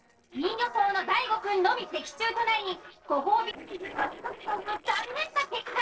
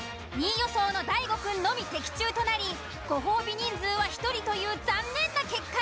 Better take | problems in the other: second | noise reduction (neural separator model SepFormer DNS4)

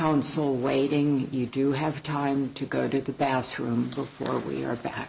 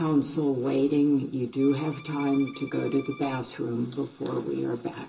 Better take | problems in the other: first | background sound (Bowed string instrument); 20 dB below the speech // room echo; dies away in 0.2 s

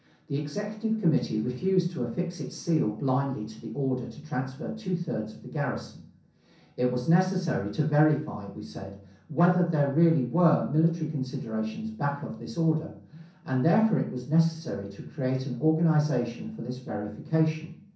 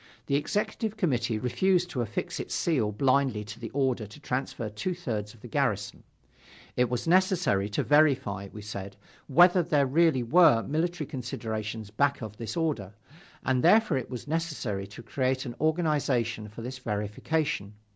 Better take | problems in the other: second | room echo; dies away in 0.6 s

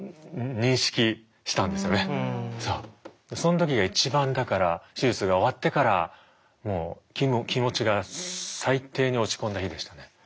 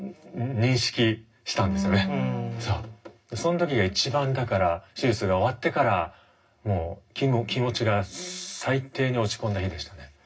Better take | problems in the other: first | room echo; dies away in 0.4 s

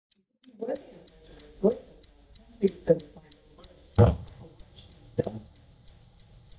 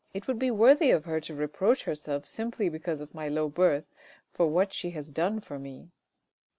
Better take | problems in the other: second | noise reduction (neural mask model DeepFilterNet 3)

